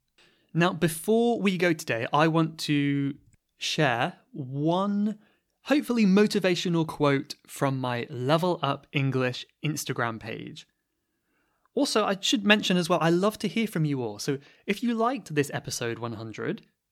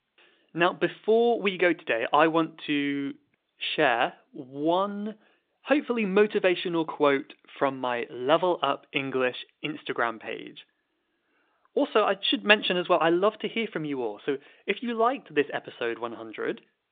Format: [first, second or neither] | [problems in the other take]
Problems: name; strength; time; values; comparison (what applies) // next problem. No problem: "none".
first | phone-call audio; nothing above 3.5 kHz